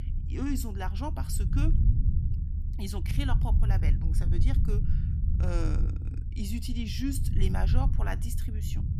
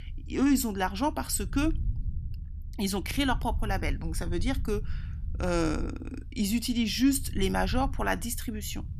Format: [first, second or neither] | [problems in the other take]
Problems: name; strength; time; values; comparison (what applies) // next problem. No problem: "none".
second | low rumble; loud; throughout; 6 dB below the speech; faint in the second